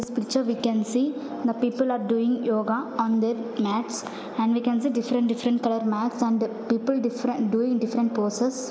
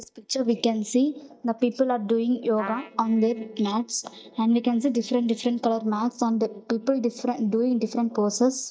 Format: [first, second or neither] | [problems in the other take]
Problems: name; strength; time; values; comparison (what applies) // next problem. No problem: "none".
first | noise reduction (neural mask model DeepFilterNet 3)